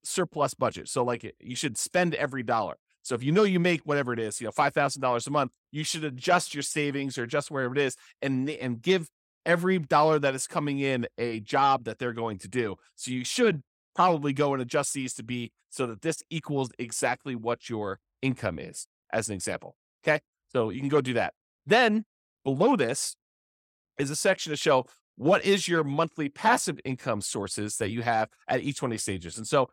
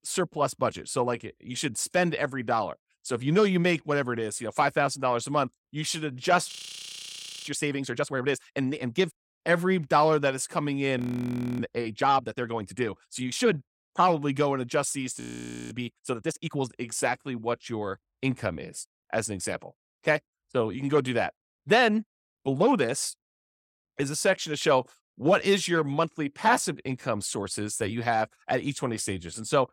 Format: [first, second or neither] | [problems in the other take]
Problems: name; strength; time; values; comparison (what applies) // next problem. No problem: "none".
first | audio freezing; at 6.5 s for 1 s, at 11 s for 0.5 s and at 15 s for 0.5 s